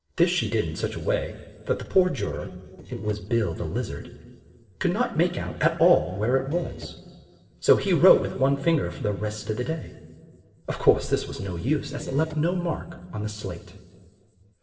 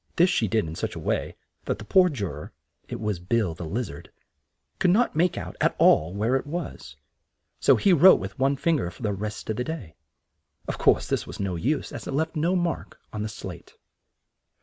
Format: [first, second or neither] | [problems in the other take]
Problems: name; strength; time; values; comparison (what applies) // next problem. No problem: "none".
second | noise reduction (neural separator model SepFormer DNS4)